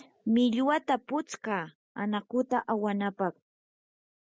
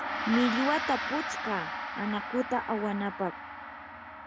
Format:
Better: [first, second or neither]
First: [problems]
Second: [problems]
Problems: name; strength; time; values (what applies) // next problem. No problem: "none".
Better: first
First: none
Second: background sound (Gong); 4 dB below the speech